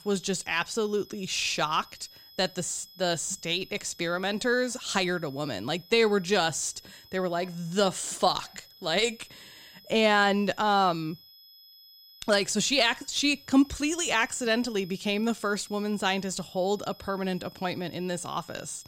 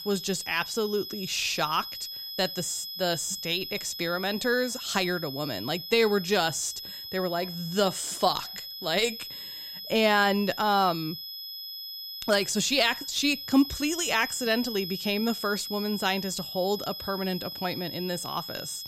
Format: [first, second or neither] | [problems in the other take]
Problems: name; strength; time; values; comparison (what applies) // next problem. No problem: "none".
first | high-pitched whine; loud; throughout; 5 kHz, 8 dB below the speech; faint in the first